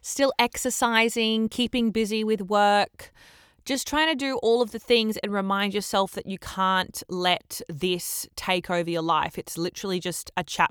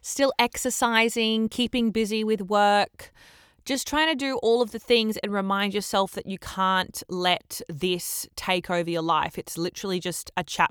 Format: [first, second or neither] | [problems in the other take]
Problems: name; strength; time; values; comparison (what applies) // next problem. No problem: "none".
neither | none